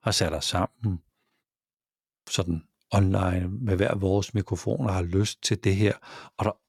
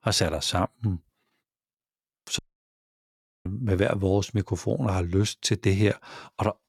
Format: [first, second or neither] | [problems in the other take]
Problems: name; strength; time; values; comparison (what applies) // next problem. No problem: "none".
first | audio cutting out; at 2.5 s for 1 s